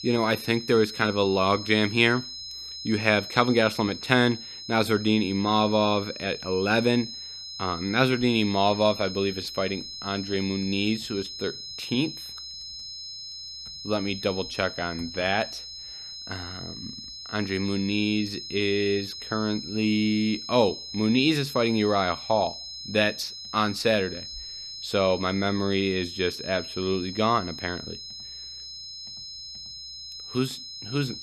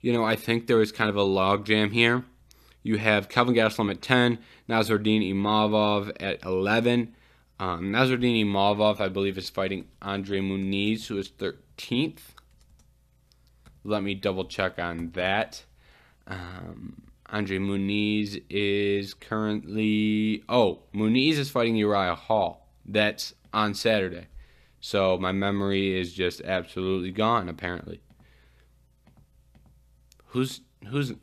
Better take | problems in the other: second | high-pitched whine; noticeable; throughout; 5 kHz, 10 dB below the speech

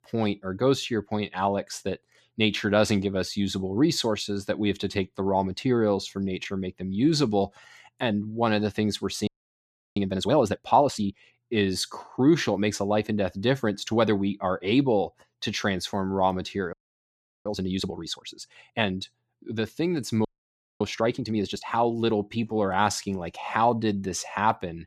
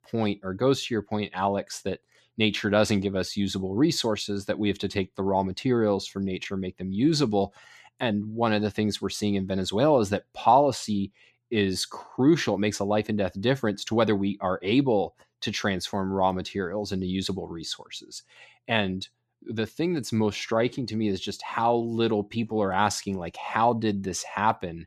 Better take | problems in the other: second | audio freezing; at 9.5 s for 0.5 s, at 17 s for 0.5 s and at 20 s for 0.5 s

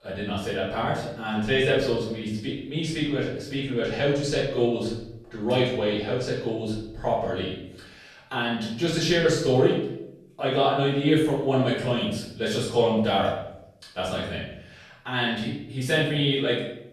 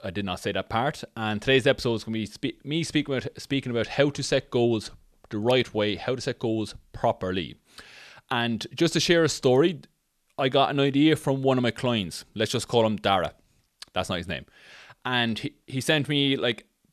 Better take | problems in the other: second | room echo; noticeable; dies away in 0.7 s // off-mic speech; far

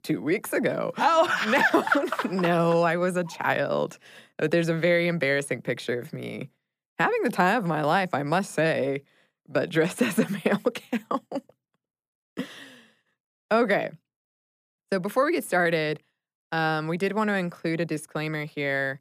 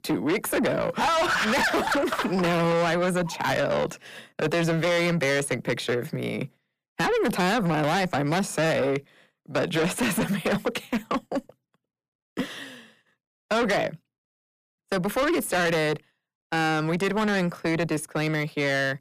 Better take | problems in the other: first | distortion; heavy; 6 dB below the speech

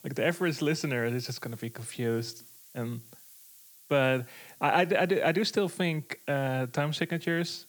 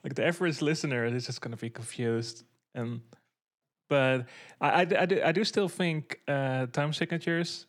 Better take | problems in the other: second | hiss; faint; throughout; 20 dB below the speech

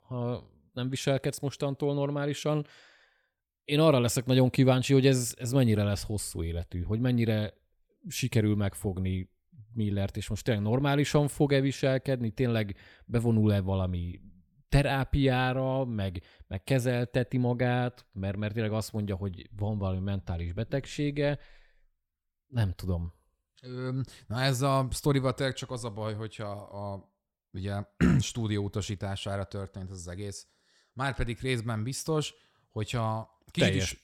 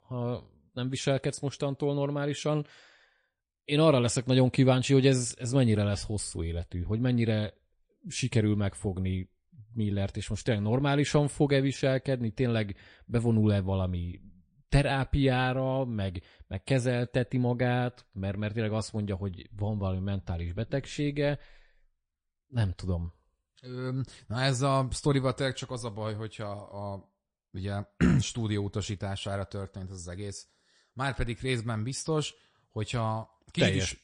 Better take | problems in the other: first | garbled, watery; slightly; nothing above 9 kHz

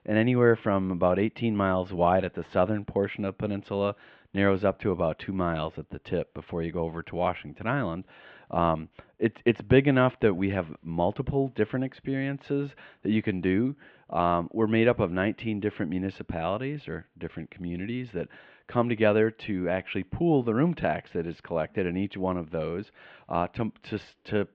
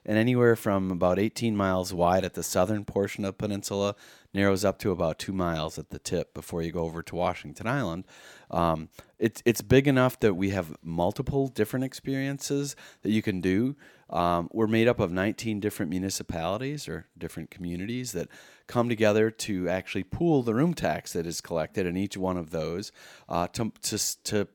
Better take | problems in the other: second | muffled; very; fading above 3 kHz

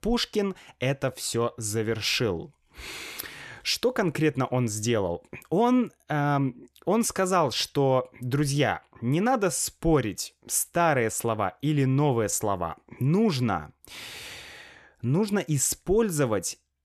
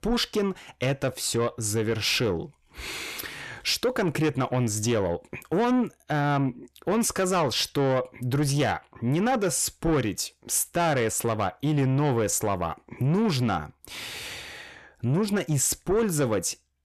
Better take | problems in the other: first | distortion; slight; 10 dB below the speech

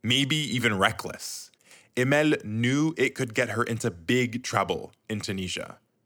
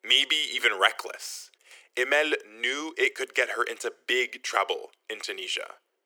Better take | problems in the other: first | thin; very; fading below 400 Hz

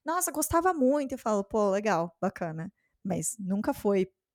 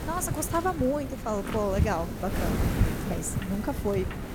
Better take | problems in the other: first | wind noise on the microphone; heavy; 6 dB below the speech

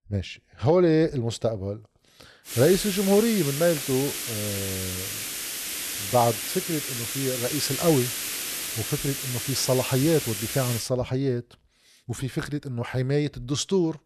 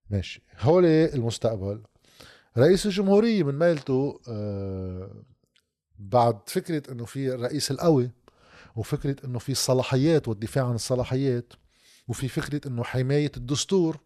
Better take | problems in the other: second | hiss; loud; from 2.5 to 11 s; 4 dB below the speech

